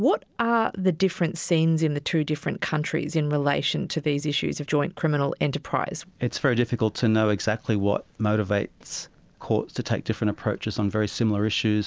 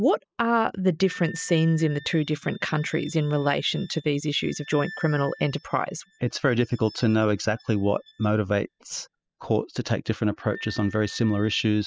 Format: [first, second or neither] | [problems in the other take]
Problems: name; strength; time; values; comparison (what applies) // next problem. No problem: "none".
first | noise reduction (classical method spectral subtraction)